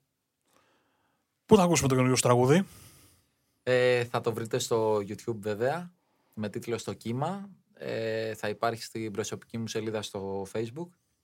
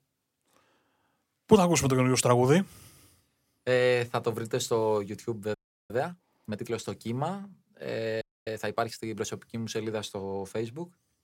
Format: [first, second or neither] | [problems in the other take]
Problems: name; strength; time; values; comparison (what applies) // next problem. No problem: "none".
first | audio freezing; at 5.5 s and at 8 s